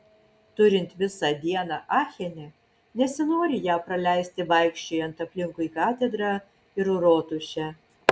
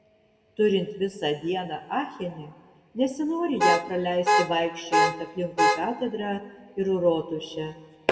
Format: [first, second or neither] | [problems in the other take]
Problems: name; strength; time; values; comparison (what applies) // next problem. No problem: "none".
first | background sound (Alarm / Car); 3 dB above the speech // room echo; dies away in 1.1 s